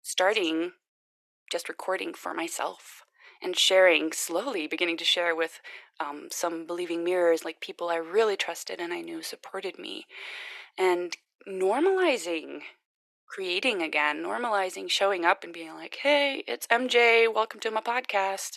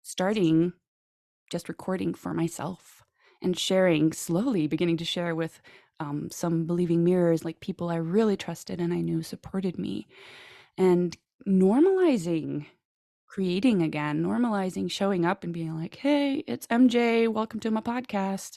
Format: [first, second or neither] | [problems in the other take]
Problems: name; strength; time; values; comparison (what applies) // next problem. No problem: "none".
second | thin; very; fading below 450 Hz